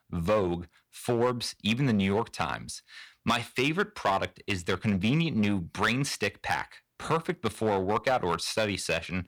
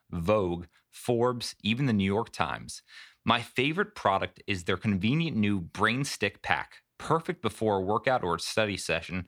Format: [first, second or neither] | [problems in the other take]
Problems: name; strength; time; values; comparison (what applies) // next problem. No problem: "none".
second | distortion; slight; 5% of the sound clipped